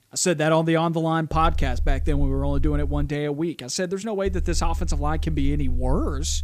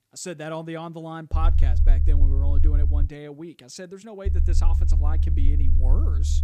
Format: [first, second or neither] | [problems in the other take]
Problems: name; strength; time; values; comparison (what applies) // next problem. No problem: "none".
first | low rumble; loud; from 1.5 to 3 s and from 4.5 s on; 5 dB below the speech; faint in the first